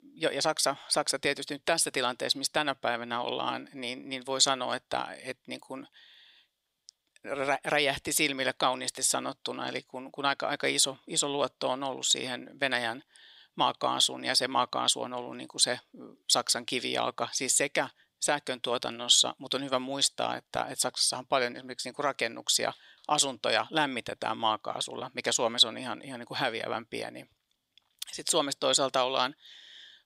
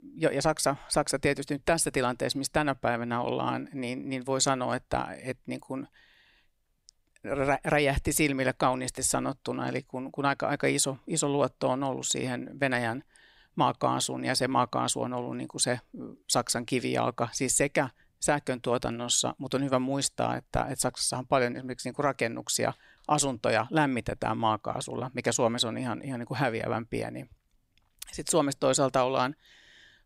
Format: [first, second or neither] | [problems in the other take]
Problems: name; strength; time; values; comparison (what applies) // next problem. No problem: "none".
second | thin; very slightly; fading below 1 kHz